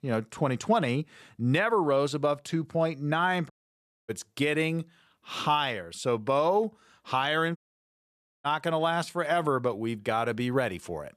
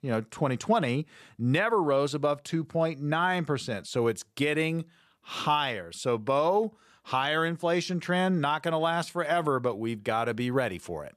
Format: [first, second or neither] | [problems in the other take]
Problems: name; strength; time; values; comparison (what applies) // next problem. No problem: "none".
second | audio cutting out; at 3.5 s for 0.5 s and at 7.5 s for 1 s